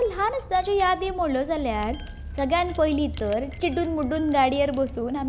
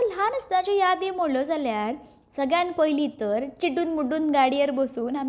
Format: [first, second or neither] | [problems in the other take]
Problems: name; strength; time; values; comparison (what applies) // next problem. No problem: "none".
second | background sound (Wind chime); 12 dB below the speech